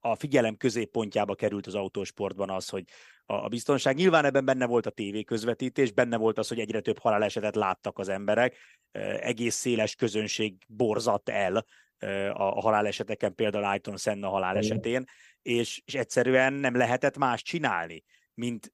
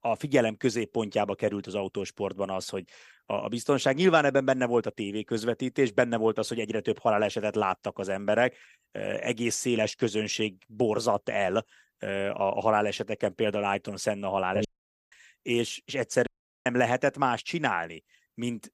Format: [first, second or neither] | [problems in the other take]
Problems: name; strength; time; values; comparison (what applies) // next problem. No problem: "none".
first | audio cutting out; at 15 s and at 16 s